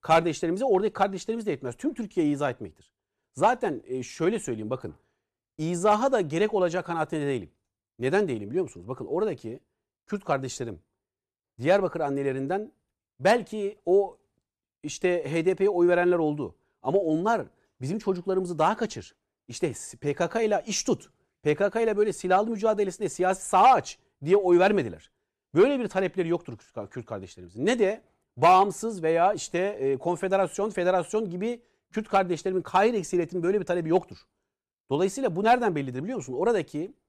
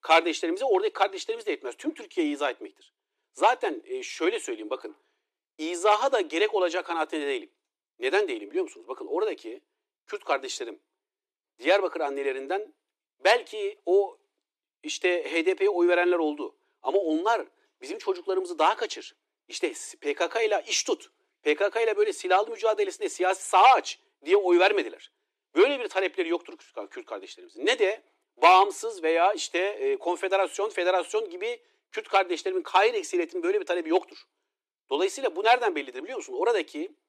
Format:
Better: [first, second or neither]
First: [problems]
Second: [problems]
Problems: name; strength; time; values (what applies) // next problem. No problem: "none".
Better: first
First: none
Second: thin; somewhat; fading below 300 Hz